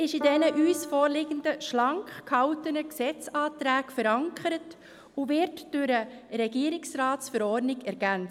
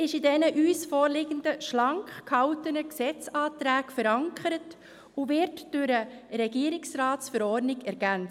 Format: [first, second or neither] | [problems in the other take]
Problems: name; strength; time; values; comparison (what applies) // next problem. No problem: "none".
second | background sound (Piano); 18 dB below the speech